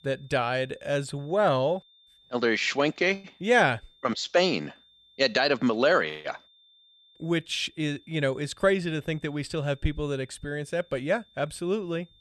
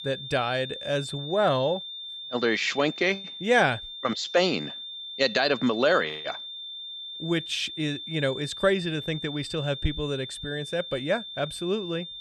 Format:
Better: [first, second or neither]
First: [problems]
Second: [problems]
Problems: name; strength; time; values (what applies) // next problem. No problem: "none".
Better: first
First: high-pitched whine; faint; throughout; 3.5 kHz, 30 dB below the speech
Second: high-pitched whine; loud; throughout; 3.5 kHz, 9 dB below the speech